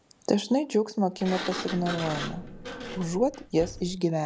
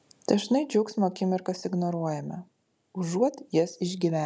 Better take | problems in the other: second | background sound (Sliding door); 11 dB below the speech

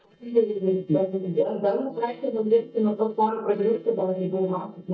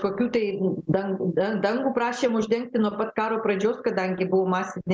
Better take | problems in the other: second | noise reduction (neural mask model DeepFilterNet 3)

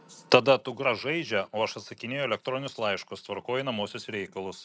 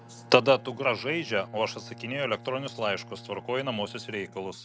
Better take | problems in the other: first | background sound (Bowed string instrument); 18 dB below the speech

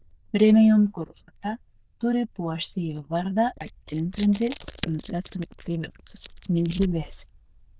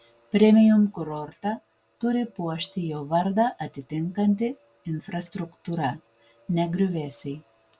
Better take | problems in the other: second | noise reduction (neural diffusion model UNIVERSE++)

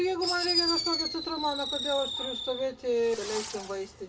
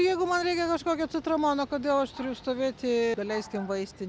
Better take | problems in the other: second | background sound (Fireworks); 3 dB below the speech // room echo; dies away in 0.2 s

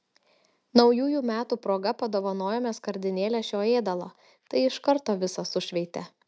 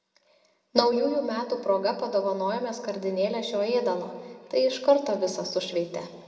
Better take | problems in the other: first | room echo; dies away in 1.6 s

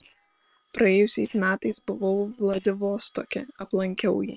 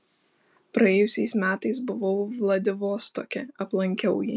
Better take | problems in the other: second | noise reduction (neural separator model SepFormer WHAM!)

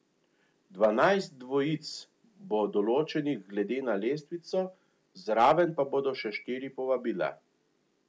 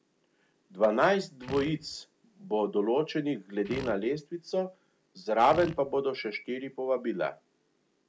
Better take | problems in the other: first | background sound (Fart); 12 dB below the speech

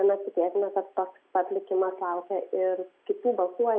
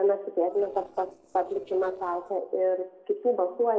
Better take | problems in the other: first | noise reduction (neural separator model SepFormer DNS4)

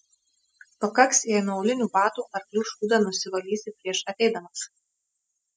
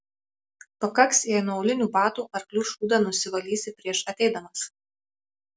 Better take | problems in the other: second | noise reduction (classical method spectral subtraction)

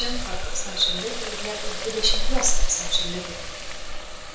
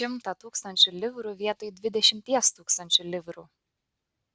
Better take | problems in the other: second | background sound (Water tap, faucet); 5 dB above the speech // room echo; dies away in 0.5 s

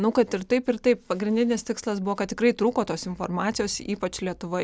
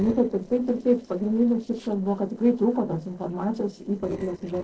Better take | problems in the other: first | noise reduction (neural separator model SepFormer DNS4)

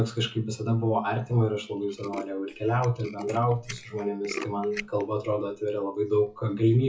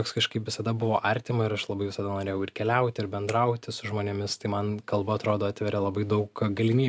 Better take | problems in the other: second | noise reduction (classical method WPE with log-MMSE)

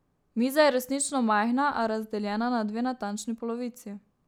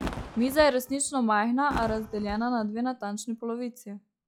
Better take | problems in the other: first | noise reduction (classical method log-MMSE)

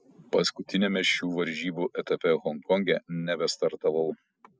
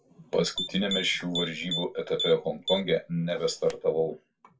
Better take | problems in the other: first | background sound (Typing); 8 dB below the speech // room echo; dies away in 0.2 s

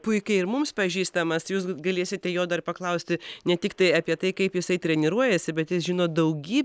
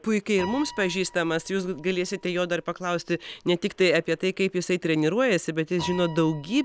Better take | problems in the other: first | background sound (Piano); 19 dB below the speech

